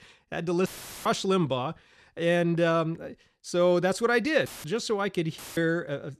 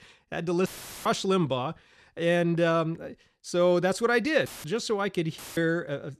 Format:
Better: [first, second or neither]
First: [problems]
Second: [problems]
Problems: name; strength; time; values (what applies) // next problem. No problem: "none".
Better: neither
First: audio cutting out; filled with static; at 0.5 s, at 4.5 s and at 5.5 s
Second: audio cutting out; filled with static; at 0.5 s, at 4.5 s and at 5.5 s